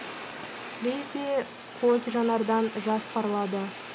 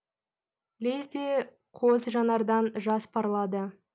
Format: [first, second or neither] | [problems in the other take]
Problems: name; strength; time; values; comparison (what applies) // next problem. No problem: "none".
second | background sound (Fire); 12 dB below the speech